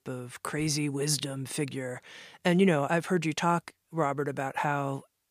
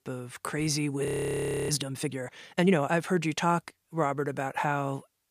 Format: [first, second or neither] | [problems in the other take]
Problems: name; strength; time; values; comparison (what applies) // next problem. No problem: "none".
first | audio freezing; at 1 s for 0.5 s